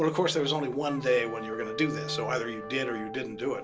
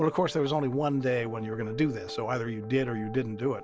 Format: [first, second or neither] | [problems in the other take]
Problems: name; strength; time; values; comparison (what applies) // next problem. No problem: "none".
second | background sound (Trumpet); 16 dB below the speech // room echo; dies away in 0.2 s